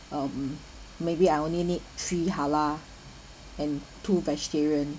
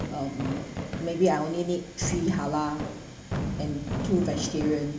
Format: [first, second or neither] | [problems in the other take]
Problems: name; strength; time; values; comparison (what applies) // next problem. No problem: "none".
first | background sound (Fireworks); 5 dB below the speech // room echo; dies away in 0.8 s